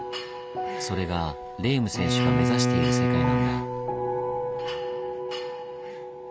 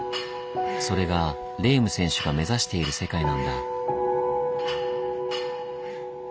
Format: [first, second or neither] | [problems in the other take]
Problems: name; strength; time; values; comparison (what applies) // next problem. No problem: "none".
second | background sound (Bowed string instrument); 4 dB above the speech